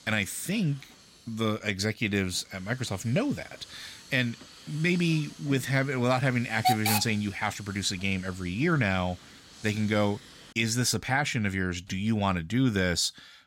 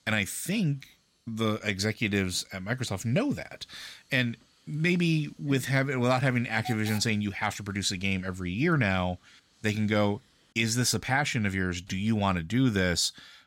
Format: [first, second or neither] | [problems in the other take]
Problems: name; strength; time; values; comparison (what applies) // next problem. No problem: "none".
second | hiss; loud; until 11 s; 8 dB below the speech; faint in the second